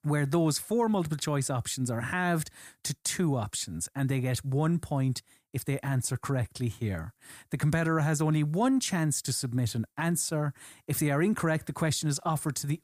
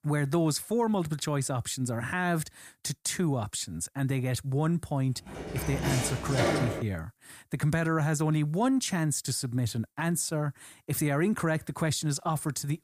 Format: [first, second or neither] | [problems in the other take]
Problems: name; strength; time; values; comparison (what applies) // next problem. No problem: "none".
first | door banging; loud; from 5.5 to 7 s; peak 2 dB above the speech